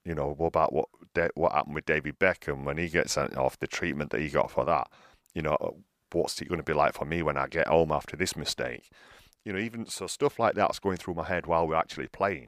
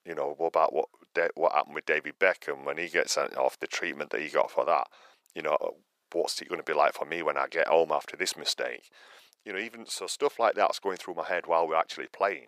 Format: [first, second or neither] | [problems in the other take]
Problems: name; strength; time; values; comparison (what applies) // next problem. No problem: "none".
first | thin; somewhat; fading below 500 Hz